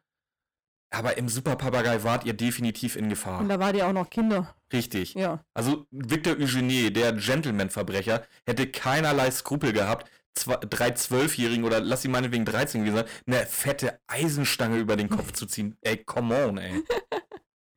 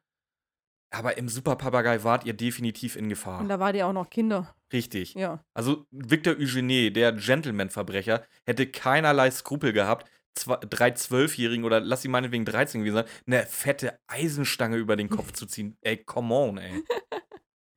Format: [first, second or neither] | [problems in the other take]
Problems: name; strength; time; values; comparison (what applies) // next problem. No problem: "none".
second | distortion; heavy; 12% of the sound clipped